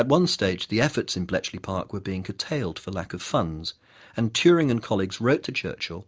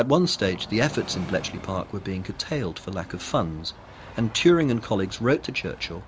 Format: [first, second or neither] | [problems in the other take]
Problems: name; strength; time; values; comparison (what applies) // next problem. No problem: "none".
first | background sound (Train); 17 dB below the speech